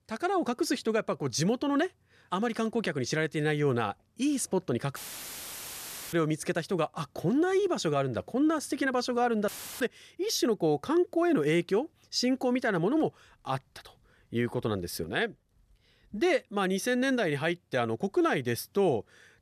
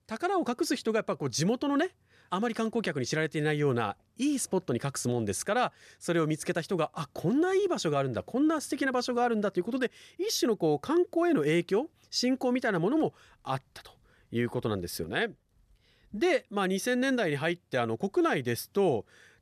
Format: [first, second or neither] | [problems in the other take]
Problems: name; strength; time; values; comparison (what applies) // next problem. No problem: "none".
second | audio cutting out; filled with static; at 5 s for 1 s and at 9.5 s